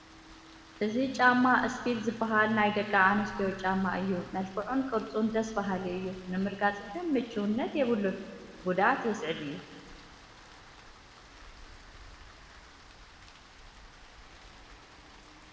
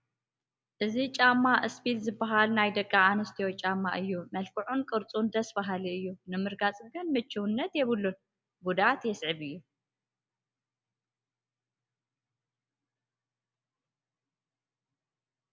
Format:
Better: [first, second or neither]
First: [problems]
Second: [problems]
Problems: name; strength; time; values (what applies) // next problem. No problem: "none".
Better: second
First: background sound (Rain); 20 dB below the speech // room echo; dies away in 1.6 s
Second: none